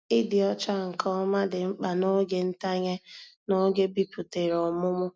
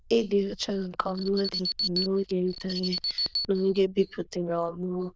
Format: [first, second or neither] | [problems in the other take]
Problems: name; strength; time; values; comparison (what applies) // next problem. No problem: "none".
first | noise reduction (neural diffusion model UNIVERSE++)